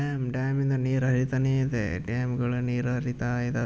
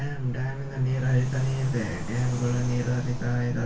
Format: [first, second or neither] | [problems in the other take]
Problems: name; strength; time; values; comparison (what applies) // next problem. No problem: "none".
first | background sound (Fixed-wing aircraft, airplane); 16 dB below the speech // room echo; dies away in 0.2 s